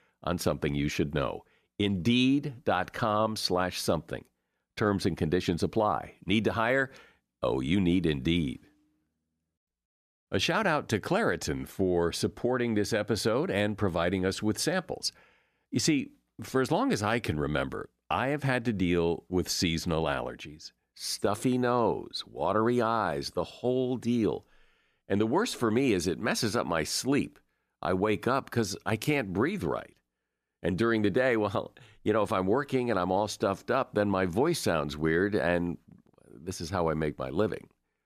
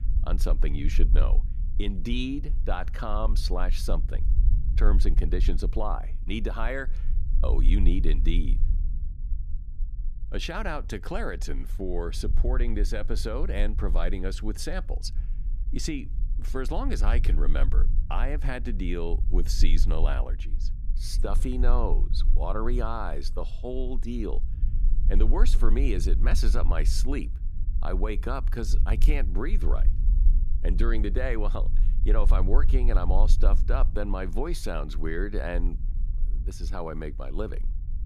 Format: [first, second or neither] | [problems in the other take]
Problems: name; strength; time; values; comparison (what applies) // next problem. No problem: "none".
first | low rumble; noticeable; throughout; 15 dB below the speech